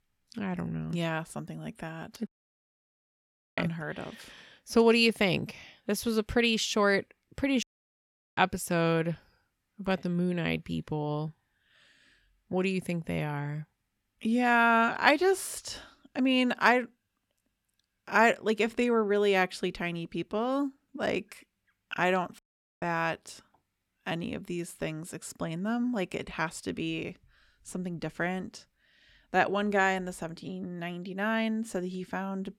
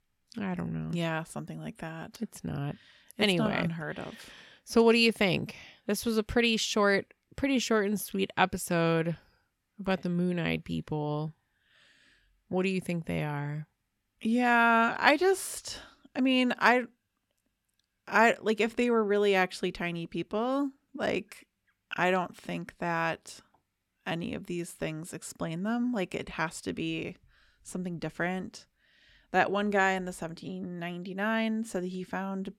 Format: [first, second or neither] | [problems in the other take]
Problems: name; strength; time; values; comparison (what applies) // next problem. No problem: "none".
second | audio cutting out; at 2.5 s for 1.5 s, at 7.5 s for 0.5 s and at 22 s